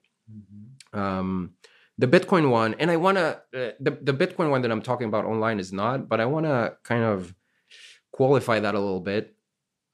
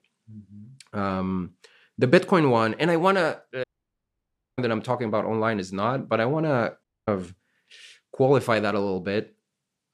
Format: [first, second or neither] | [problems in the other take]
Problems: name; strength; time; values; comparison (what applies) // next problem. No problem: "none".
first | audio cutting out; at 3.5 s for 1 s and at 7 s